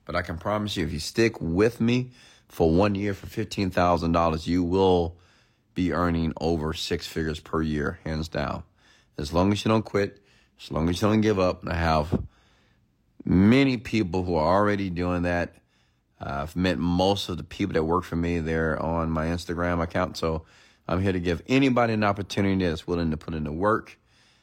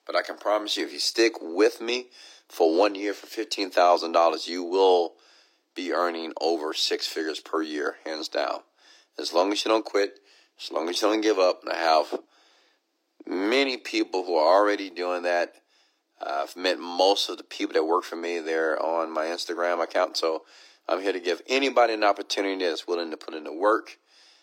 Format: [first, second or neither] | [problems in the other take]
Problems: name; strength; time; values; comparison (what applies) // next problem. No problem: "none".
first | thin; very; fading below 300 Hz